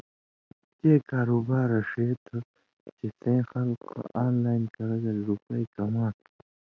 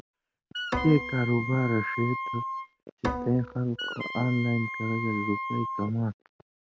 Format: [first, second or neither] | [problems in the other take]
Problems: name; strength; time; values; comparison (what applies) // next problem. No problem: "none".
first | background sound (Wind instrument, woodwind instrument + Bowed string instrument); 5 dB below the speech